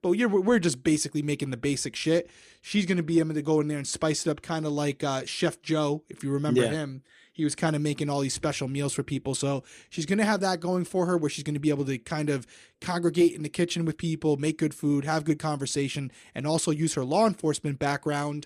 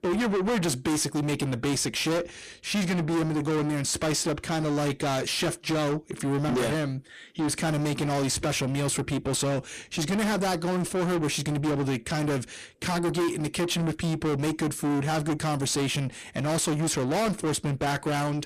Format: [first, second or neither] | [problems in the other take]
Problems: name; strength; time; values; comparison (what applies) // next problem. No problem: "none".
first | distortion; heavy; 6 dB below the speech